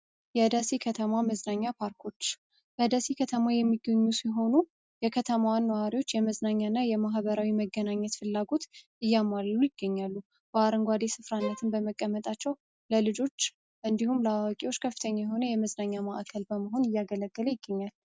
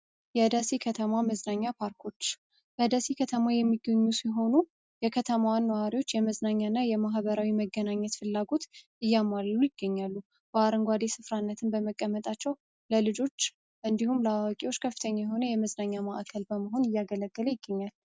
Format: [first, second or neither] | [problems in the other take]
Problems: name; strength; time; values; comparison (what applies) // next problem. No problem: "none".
second | background sound (Bowed string instrument); 14 dB below the speech